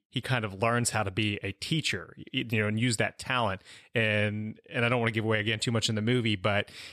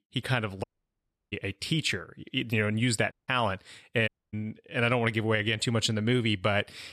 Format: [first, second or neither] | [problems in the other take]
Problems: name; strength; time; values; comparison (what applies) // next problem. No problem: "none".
first | audio cutting out; at 0.5 s for 0.5 s, at 3 s and at 4 s